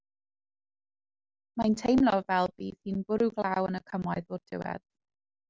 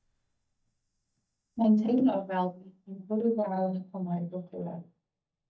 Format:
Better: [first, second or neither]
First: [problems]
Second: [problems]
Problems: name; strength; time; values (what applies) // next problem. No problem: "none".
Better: first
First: none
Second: noise reduction (neural mask model DeepFilterNet 3)